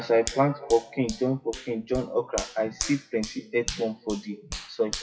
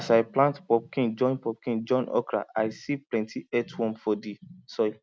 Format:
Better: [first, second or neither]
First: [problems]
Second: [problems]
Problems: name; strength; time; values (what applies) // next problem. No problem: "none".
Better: second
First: noise reduction (classical method WPE with log-MMSE)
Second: none